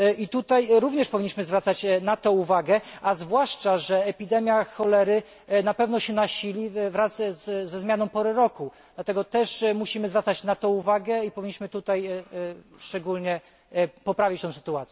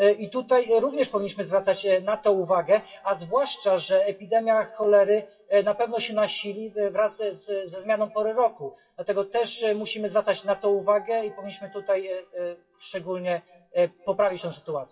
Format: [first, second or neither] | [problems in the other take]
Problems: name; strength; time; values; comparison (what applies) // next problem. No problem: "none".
first | noise reduction (classical method WPE with log-MMSE)